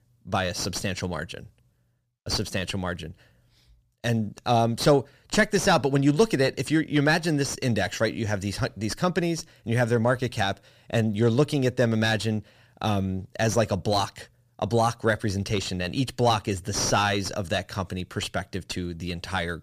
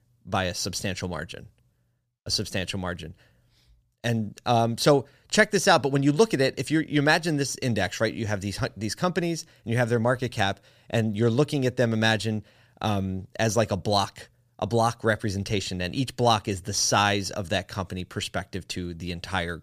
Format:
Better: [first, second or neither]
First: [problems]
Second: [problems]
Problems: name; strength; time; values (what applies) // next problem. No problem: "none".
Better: second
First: distortion; slight; 9 dB below the speech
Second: none